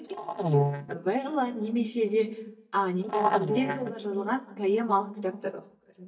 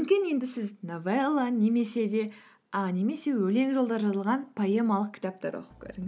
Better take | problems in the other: second | noise reduction (neural mask model DeepFilterNet 3)

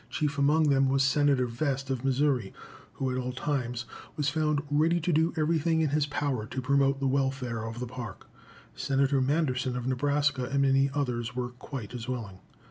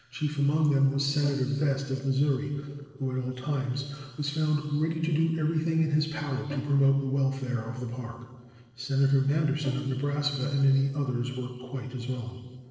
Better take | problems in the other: first | noise reduction (neural separator model SepFormer DNS4)

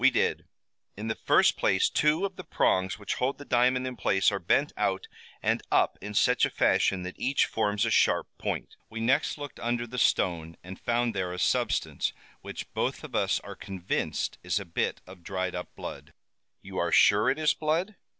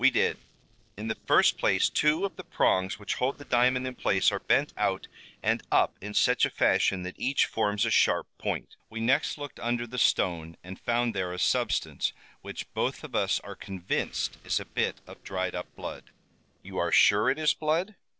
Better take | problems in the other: first | noise reduction (neural separator model SepFormer DNS4)

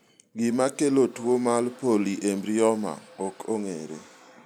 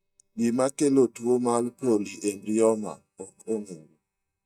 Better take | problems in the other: first | noise reduction (neural mask model DeepFilterNet 3)

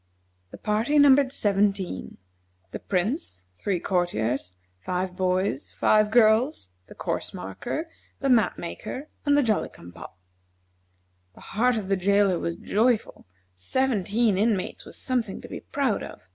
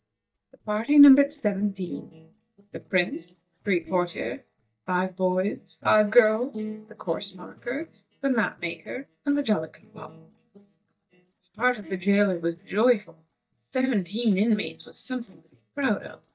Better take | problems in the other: first | noise reduction (neural mask model DeepFilterNet 3)

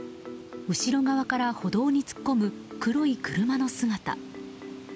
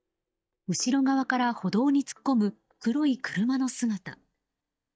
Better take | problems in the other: first | noise reduction (neural mask model DeepFilterNet 3)

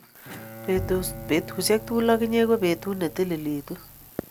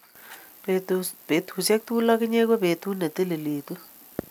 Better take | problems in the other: second | background sound (Bowed string instrument + Bowed string instrument); 13 dB below the speech

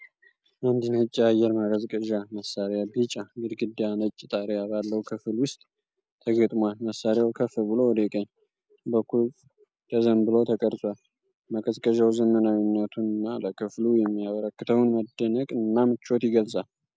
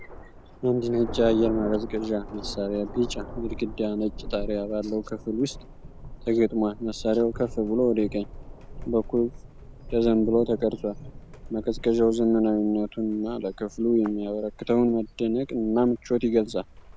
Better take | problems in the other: first | background sound (Thunder); 13 dB below the speech

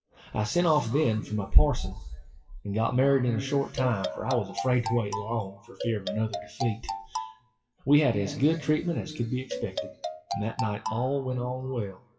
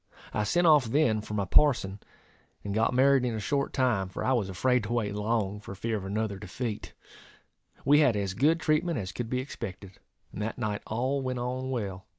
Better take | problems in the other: second | noise reduction (classical method WPE with log-MMSE)

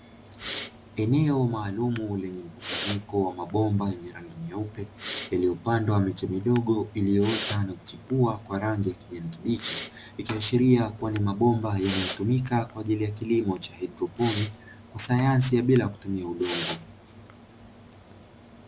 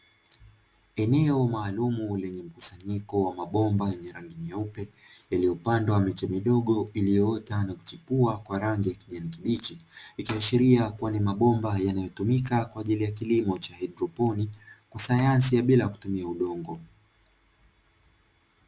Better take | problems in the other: second | background sound (Respiratory sounds); 14 dB below the speech

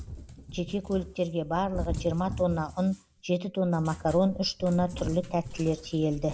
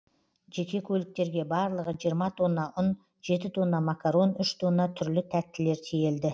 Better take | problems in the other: second | background sound (Cat); 11 dB below the speech

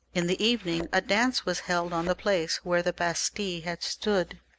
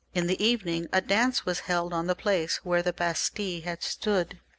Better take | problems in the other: second | background sound (Thump, thud); 17 dB below the speech

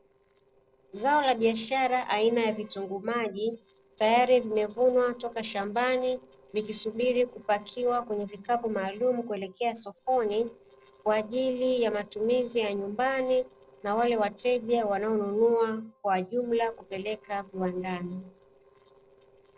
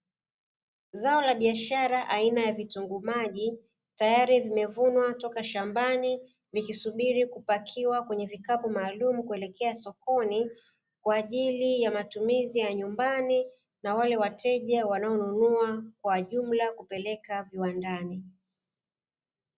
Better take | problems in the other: second | noise reduction (neural separator model SepFormer DNS4)

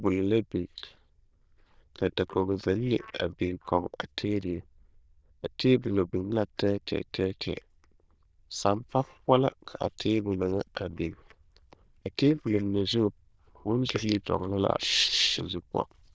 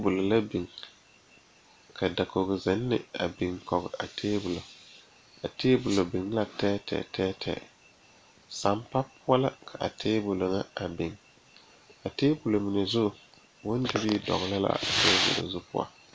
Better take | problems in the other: second | noise reduction (neural diffusion model UNIVERSE++)

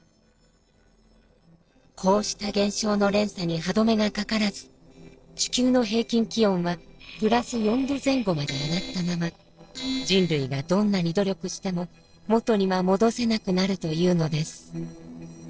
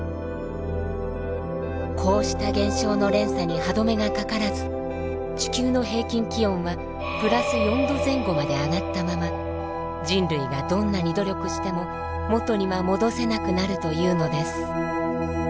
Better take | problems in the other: second | noise reduction (neural separator model SepFormer DNS4)

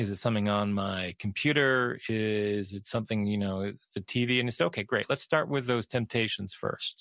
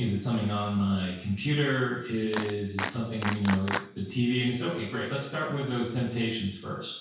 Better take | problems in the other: first | background sound (Clapping); 7 dB below the speech // room echo; dies away in 0.6 s

